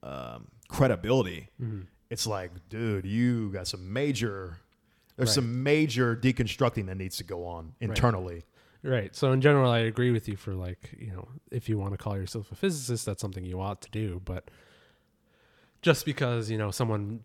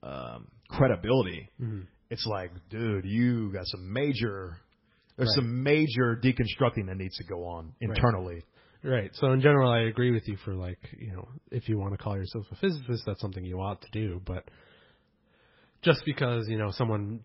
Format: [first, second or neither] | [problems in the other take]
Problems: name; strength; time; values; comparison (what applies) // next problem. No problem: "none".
first | garbled, watery; badly; nothing above 5.5 kHz